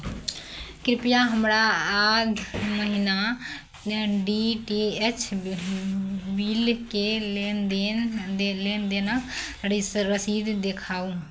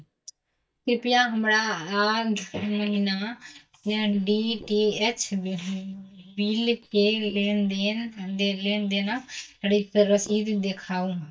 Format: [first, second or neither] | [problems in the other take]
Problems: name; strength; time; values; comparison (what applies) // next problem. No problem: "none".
first | noise reduction (neural mask model DeepFilterNet 3)